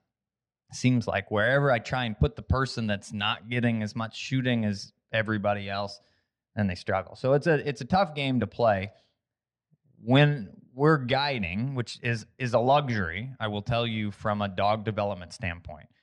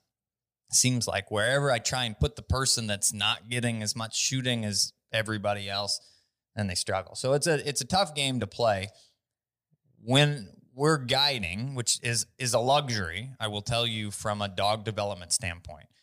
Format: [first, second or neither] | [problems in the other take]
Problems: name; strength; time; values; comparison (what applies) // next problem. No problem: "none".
second | muffled; very; fading above 2 kHz